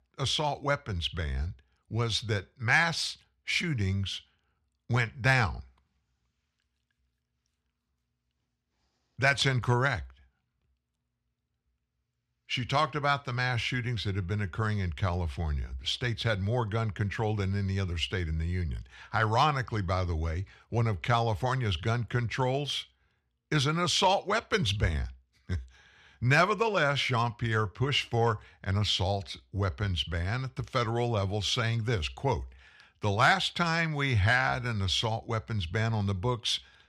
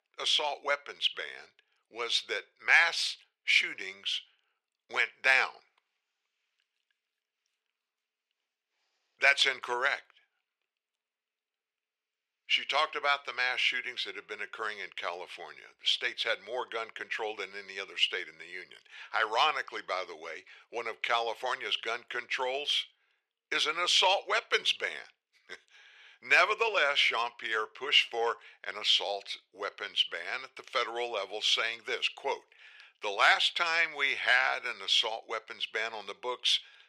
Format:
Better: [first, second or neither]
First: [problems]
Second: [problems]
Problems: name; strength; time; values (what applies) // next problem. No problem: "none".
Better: first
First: none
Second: thin; very; fading below 450 Hz